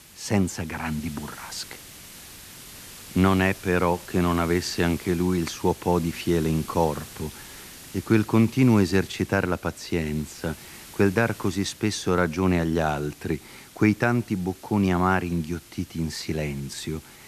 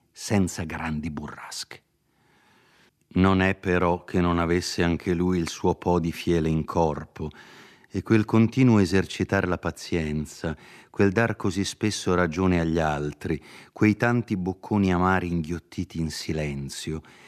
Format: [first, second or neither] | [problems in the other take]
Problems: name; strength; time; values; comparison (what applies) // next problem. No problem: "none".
second | hiss; noticeable; throughout; 20 dB below the speech